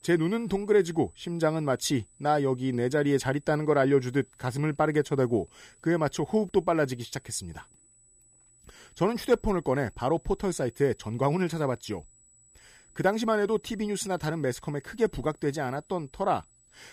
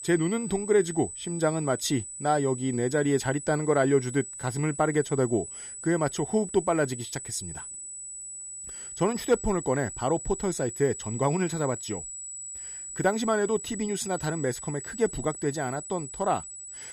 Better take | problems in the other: first | high-pitched whine; loud; throughout; 8 kHz, 9 dB below the speech; faint in the first

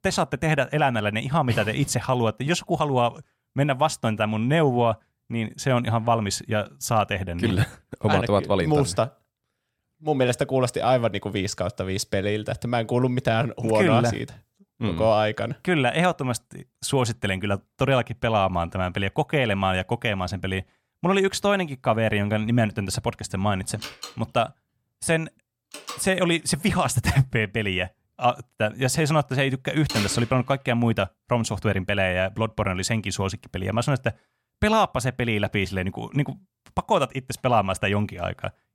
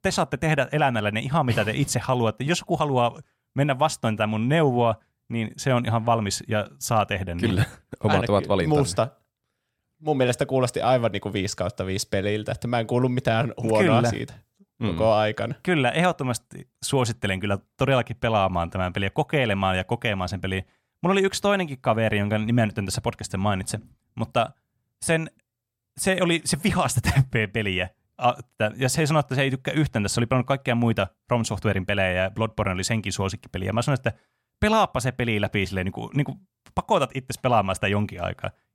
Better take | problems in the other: second | door banging; noticeable; from 24 to 30 s; peak 5 dB below the speech

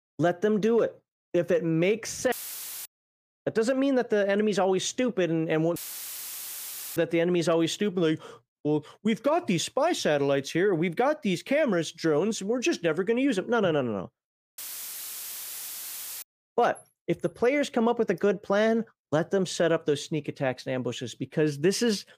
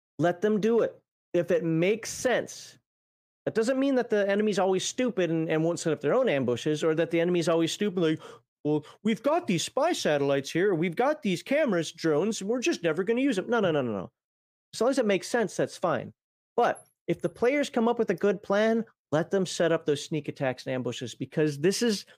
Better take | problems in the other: second | audio cutting out; filled with static; at 2.5 s for 0.5 s, at 6 s for 1 s and at 15 s for 1.5 s

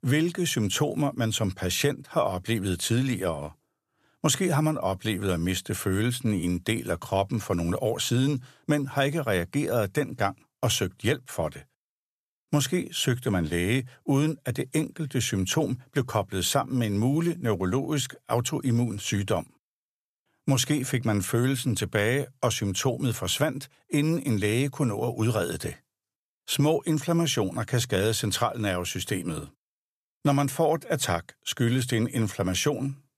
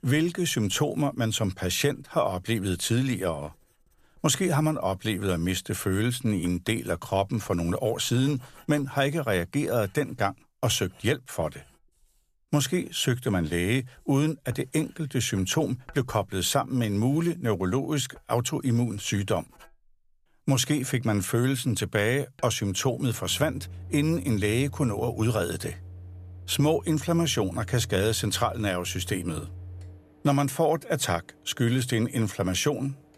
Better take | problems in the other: first | household noises; noticeable; throughout; 20 dB below the speech

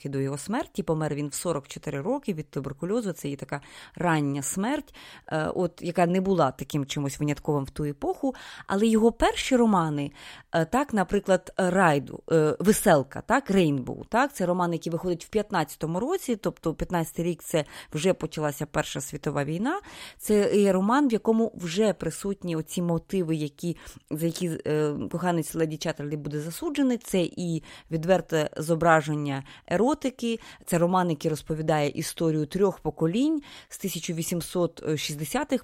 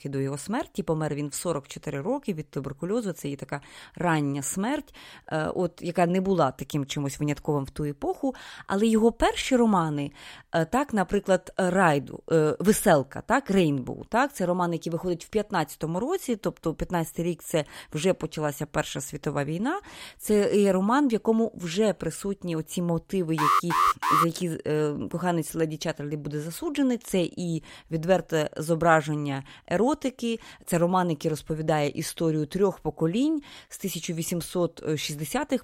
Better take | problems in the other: first | alarm; loud; at 23 s; peak 5 dB above the speech

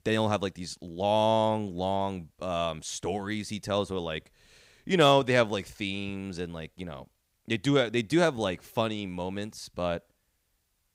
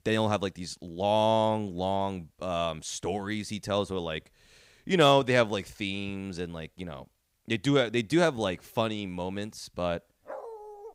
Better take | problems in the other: first | dog barking; faint; at 10 s; peak 15 dB below the speech

